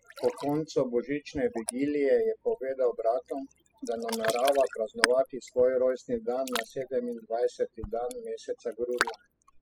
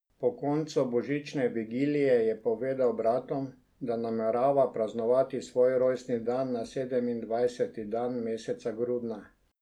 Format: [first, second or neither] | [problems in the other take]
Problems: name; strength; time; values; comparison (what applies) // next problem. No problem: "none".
second | noise reduction (classical method spectral subtraction)